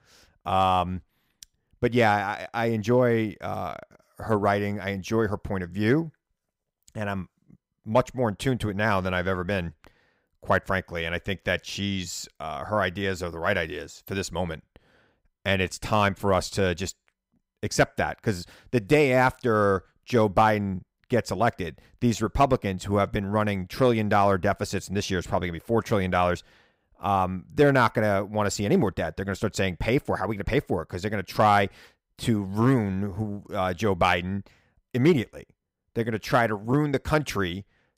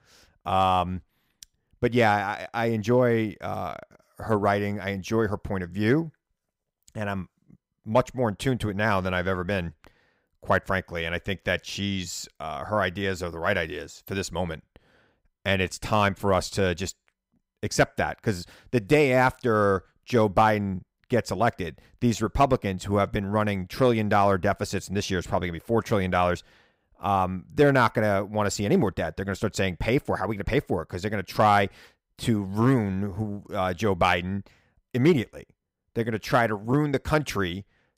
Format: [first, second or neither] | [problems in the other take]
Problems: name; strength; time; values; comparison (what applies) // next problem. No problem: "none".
neither | none